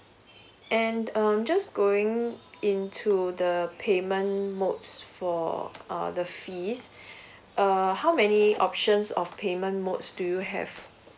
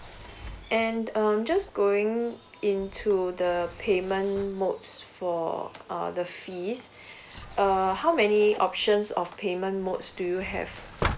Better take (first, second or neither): first